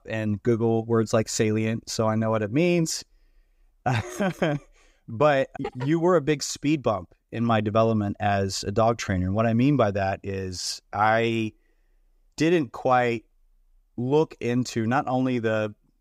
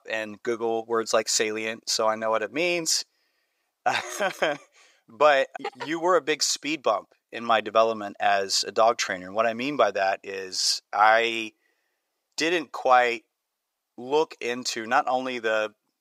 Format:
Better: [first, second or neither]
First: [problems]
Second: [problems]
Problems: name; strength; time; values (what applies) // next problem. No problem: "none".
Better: first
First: none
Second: thin; very; fading below 600 Hz